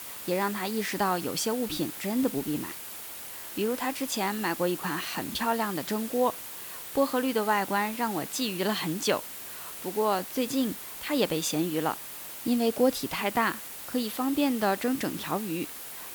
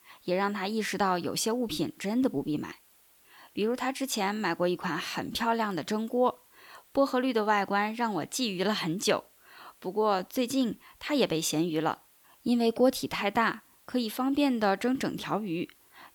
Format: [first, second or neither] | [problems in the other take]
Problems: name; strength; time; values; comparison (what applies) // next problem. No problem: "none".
second | hiss; loud; throughout; 8 dB below the speech; faint in the second